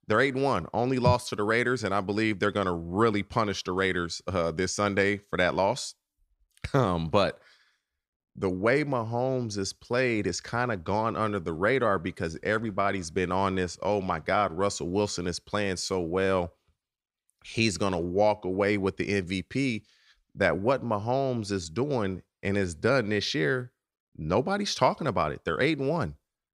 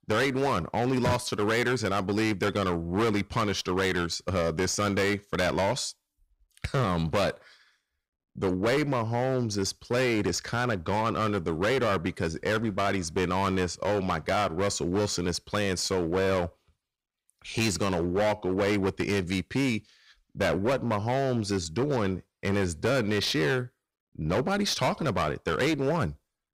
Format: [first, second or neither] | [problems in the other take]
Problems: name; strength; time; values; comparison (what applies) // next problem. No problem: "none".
first | distortion; heavy; 16% of the sound clipped